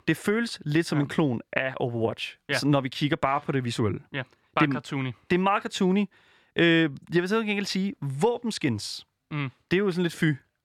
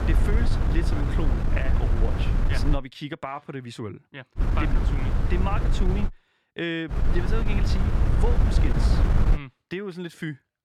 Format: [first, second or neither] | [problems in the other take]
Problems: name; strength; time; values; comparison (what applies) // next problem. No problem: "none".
first | wind noise on the microphone; heavy; until 3 s, from 4.5 to 6 s and from 7 to 9.5 s; 1 dB below the speech